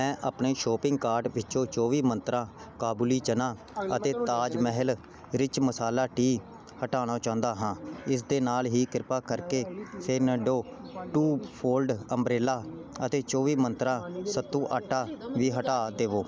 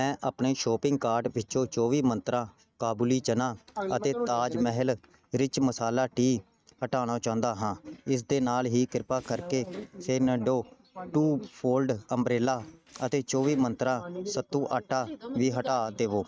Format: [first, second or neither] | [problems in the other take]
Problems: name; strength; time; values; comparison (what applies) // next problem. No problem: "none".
first | noise reduction (neural mask model RNNoise)